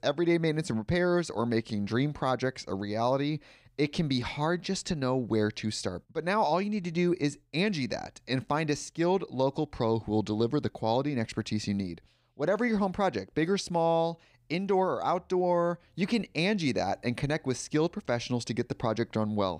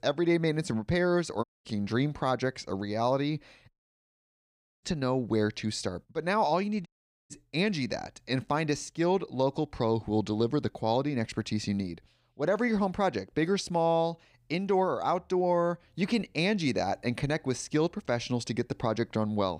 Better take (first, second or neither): first